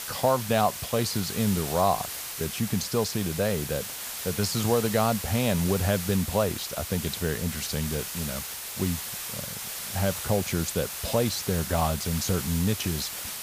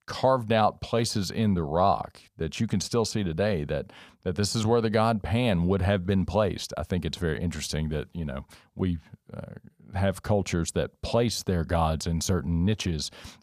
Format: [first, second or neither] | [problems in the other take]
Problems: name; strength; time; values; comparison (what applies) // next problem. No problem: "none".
second | hiss; loud; throughout; 5 dB below the speech